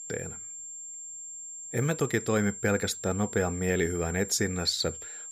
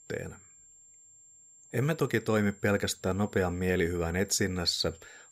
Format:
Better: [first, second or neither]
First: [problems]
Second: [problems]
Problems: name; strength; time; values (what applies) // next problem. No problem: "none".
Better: second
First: high-pitched whine; loud; throughout; 7.5 kHz, 10 dB below the speech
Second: high-pitched whine; faint; throughout; 7.5 kHz, 25 dB below the speech